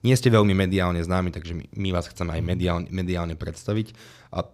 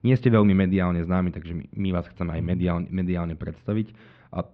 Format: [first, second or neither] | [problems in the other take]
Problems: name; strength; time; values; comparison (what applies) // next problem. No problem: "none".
first | muffled; very; fading above 3 kHz